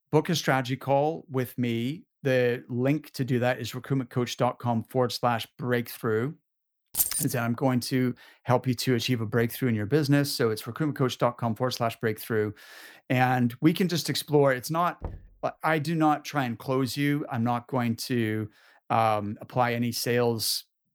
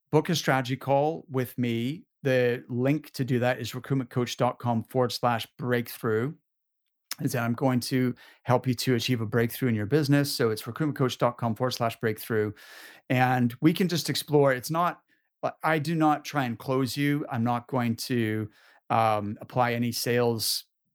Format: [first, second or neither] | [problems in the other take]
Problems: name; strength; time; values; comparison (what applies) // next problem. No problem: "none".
second | jangling keys; loud; at 7 s; peak 2 dB above the speech // door banging; faint; at 15 s; peak 15 dB below the speech